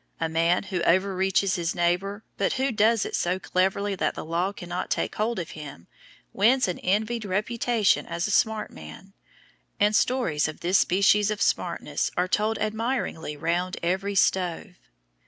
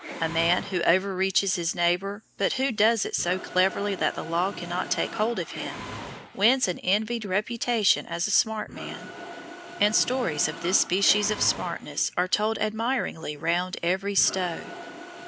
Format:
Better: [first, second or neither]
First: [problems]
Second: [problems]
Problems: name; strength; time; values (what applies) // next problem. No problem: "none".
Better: first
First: none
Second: background sound (Mechanisms); 14 dB below the speech